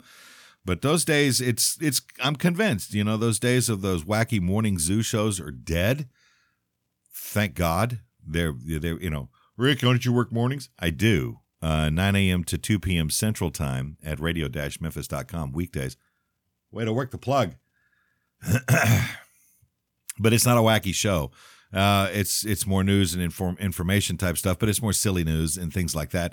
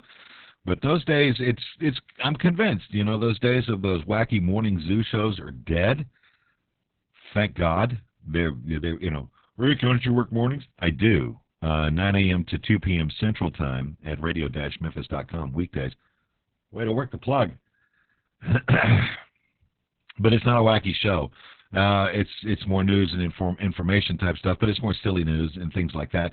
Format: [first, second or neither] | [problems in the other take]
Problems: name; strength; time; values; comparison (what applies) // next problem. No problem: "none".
first | garbled, watery; badly; nothing above 4 kHz